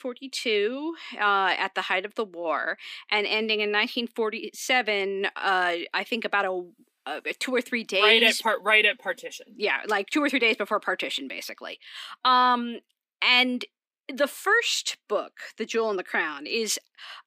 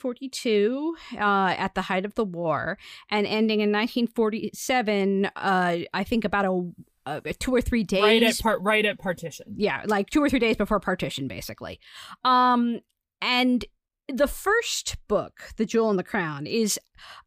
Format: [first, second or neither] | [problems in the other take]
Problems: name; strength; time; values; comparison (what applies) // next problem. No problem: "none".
second | thin; somewhat; fading below 250 Hz